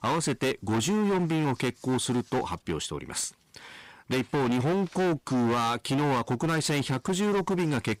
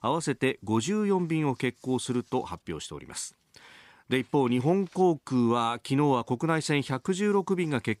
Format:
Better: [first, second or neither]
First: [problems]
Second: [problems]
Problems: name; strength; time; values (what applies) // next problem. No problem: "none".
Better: second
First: distortion; heavy; 26% of the sound clipped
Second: none